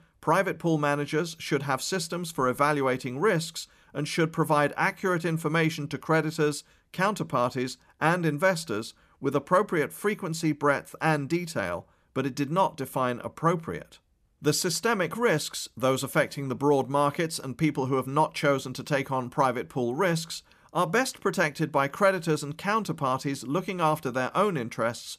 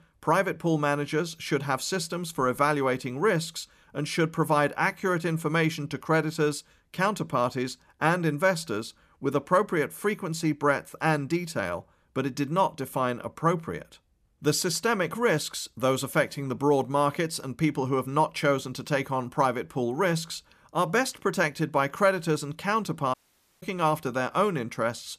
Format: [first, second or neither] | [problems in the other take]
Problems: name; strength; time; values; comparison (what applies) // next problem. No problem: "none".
first | audio cutting out; at 23 s